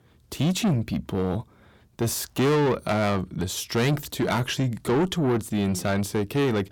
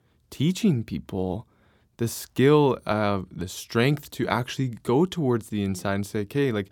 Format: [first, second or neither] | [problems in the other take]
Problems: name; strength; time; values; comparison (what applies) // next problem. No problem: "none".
second | distortion; heavy; 7 dB below the speech